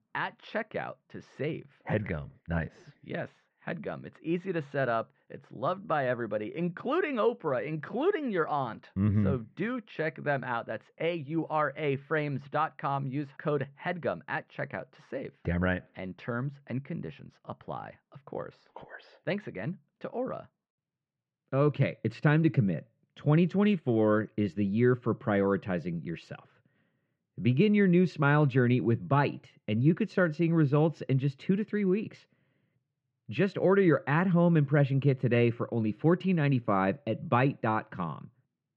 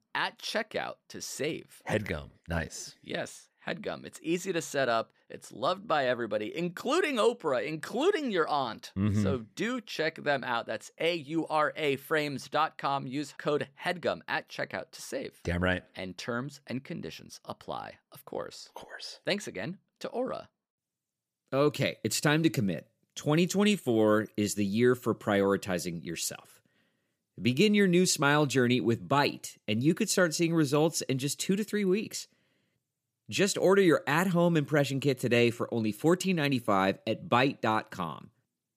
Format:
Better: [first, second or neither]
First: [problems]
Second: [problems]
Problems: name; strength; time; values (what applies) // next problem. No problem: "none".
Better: second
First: muffled; very; fading above 2.5 kHz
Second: none